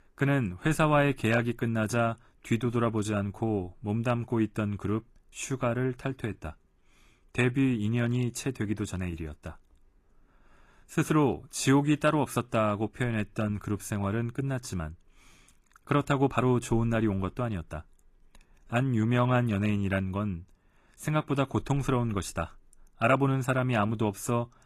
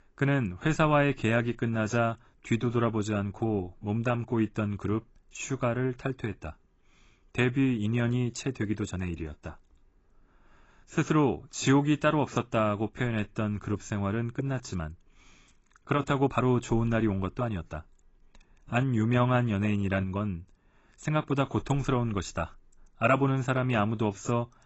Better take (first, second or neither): first